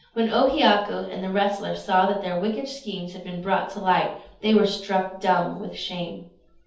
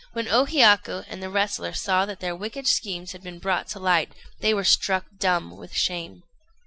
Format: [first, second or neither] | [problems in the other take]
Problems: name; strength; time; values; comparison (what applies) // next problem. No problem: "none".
second | room echo; dies away in 0.6 s